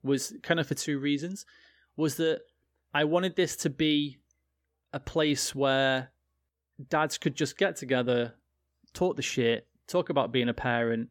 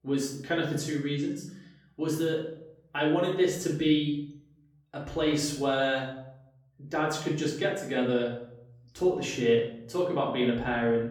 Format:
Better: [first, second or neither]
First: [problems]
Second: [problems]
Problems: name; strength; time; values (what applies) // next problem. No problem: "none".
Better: first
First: none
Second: off-mic speech; far // room echo; noticeable; dies away in 0.7 s